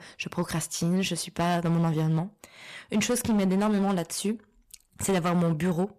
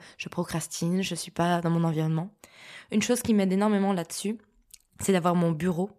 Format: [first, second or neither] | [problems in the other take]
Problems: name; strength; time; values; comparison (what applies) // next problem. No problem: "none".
second | distortion; slight; 11% of the sound clipped